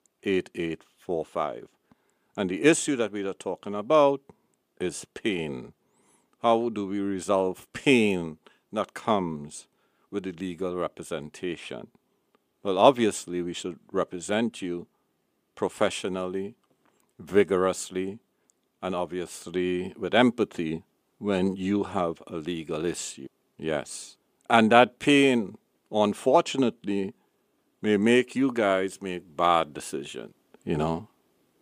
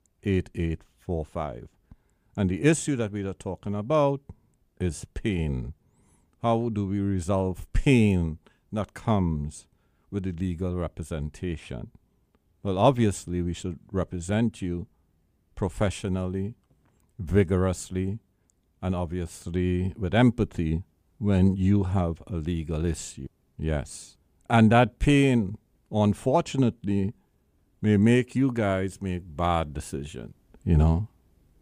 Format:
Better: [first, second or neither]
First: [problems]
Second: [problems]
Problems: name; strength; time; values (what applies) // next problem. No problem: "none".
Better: second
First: thin; somewhat; fading below 350 Hz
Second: none